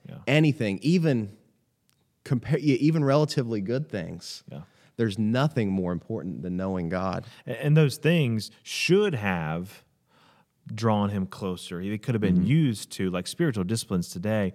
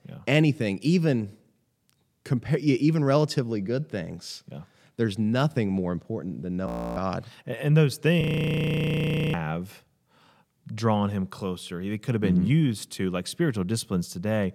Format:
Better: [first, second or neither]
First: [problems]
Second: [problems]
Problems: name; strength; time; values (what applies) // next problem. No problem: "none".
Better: first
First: none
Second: audio freezing; at 6.5 s and at 8 s for 1 s